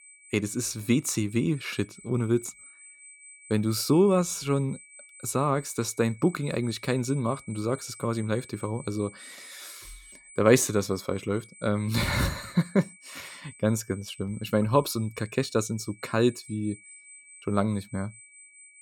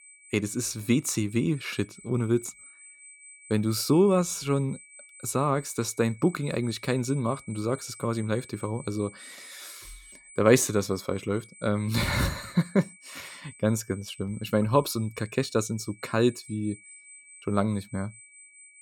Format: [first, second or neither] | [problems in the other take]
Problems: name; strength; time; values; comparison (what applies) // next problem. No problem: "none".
neither | high-pitched whine; faint; throughout; 8 kHz, 20 dB below the speech; the same in both